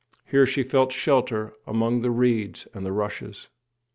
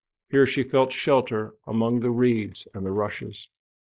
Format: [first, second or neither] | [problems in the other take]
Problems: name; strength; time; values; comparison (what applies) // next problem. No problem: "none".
first | noise reduction (neural mask model Resemble Enhance denoiser)